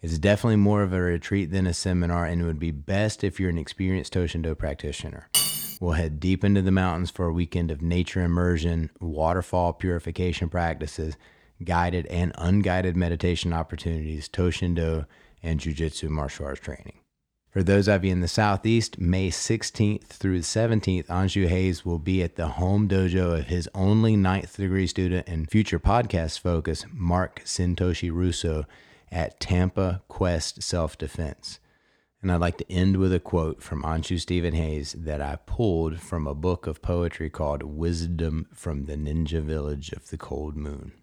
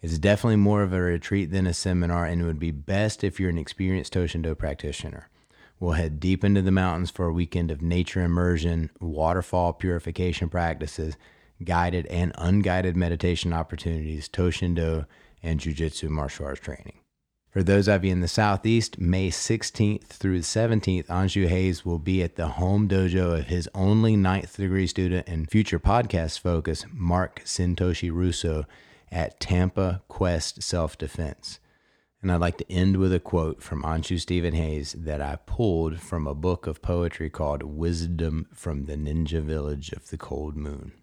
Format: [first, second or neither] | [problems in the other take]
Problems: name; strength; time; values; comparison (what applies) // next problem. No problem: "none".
second | clattering dishes; loud; at 5.5 s; peak 4 dB above the speech